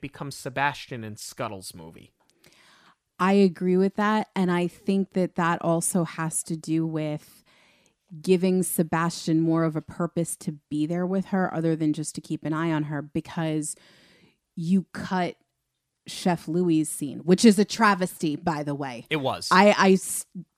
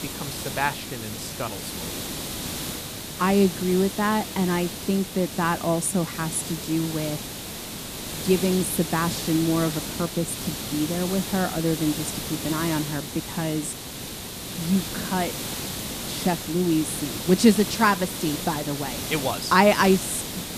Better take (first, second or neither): first